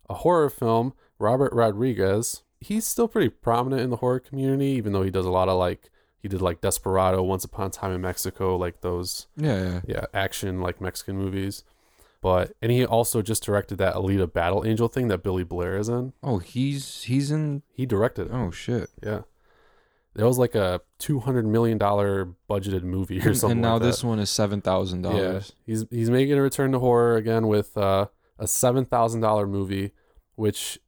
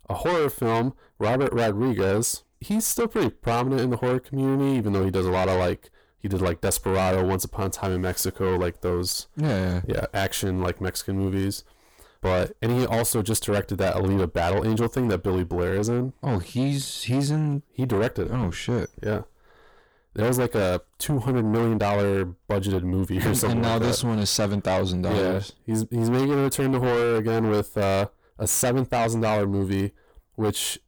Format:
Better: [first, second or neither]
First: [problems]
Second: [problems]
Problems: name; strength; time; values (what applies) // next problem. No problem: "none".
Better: first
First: none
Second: distortion; heavy; 7 dB below the speech